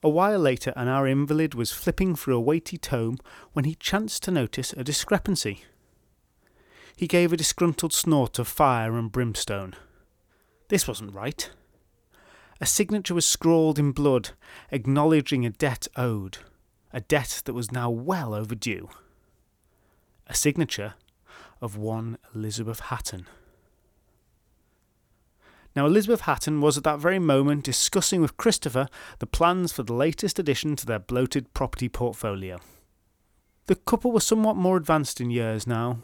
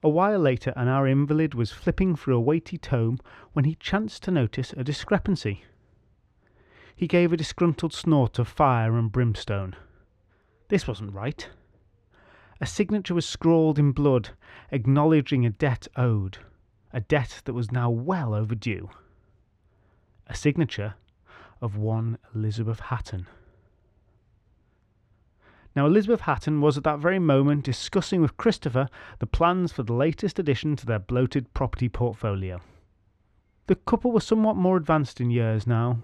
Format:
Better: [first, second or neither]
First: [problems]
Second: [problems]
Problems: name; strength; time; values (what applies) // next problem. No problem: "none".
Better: first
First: none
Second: muffled; slightly; fading above 3 kHz